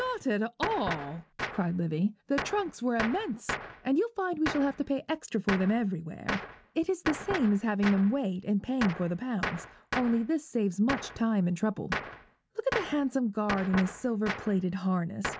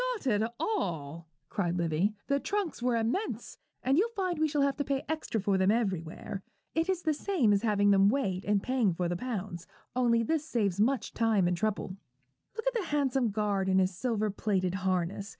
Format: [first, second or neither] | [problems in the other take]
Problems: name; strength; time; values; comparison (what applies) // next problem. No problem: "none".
second | background sound (Gunshot, gunfire); 9 dB below the speech